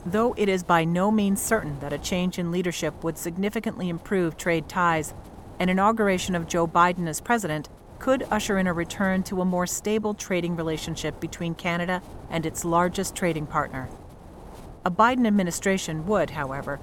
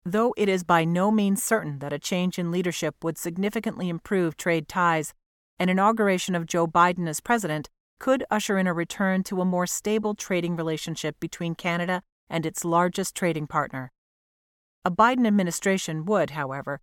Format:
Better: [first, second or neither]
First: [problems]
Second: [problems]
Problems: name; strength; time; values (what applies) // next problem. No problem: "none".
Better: second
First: wind noise on the microphone; occasional gusts; 20 dB below the speech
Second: none